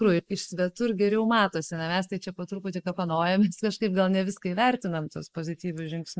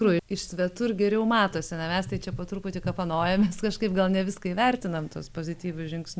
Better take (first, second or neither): second